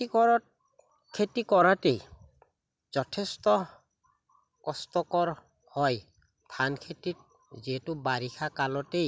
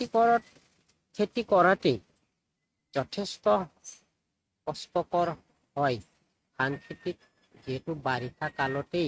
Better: first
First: none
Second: noise reduction (neural mask model RNNoise)

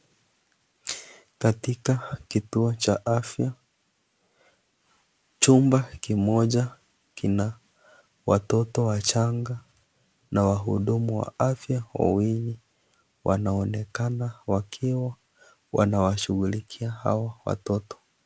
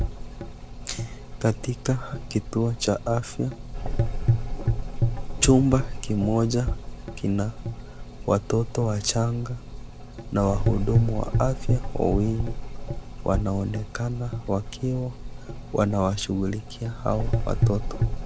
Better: first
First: none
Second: background sound (Gurgling / Engine); 2 dB below the speech

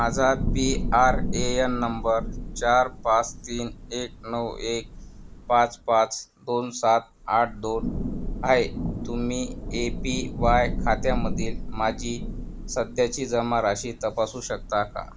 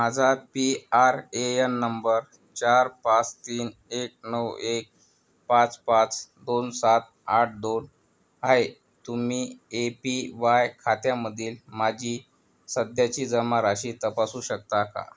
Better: second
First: background sound (Thunder / Rain); 5 dB below the speech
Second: none

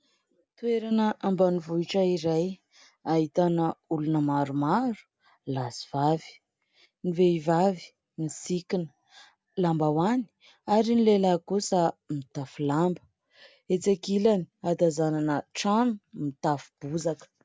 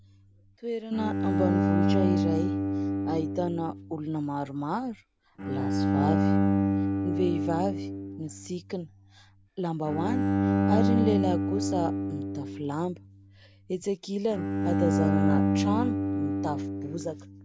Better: first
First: none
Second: background sound (Bowed string instrument); 5 dB above the speech

